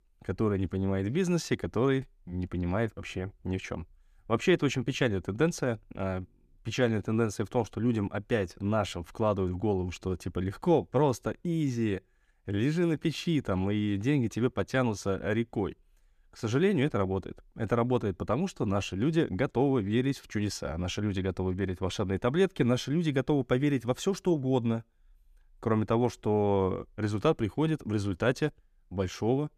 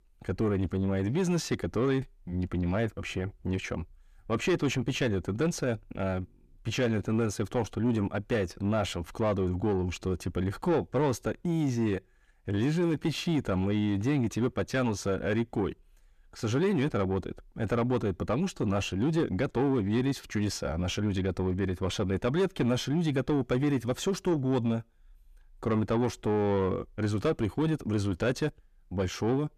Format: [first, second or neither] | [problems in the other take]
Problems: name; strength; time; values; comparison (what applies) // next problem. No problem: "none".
first | distortion; slight; 10 dB below the speech